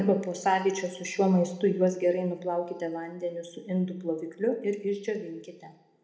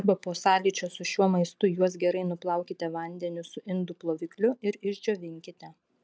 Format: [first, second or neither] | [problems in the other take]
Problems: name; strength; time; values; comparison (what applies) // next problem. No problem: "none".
second | room echo; dies away in 0.7 s